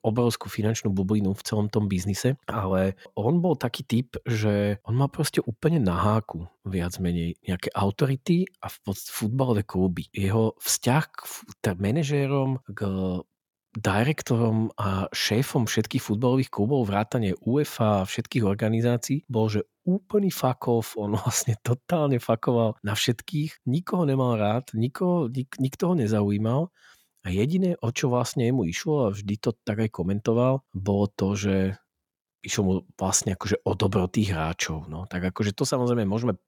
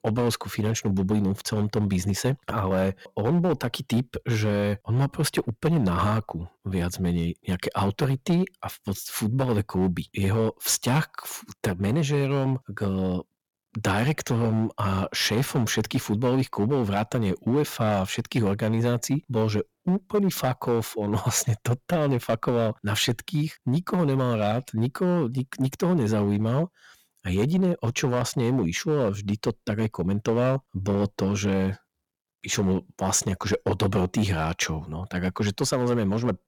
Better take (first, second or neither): first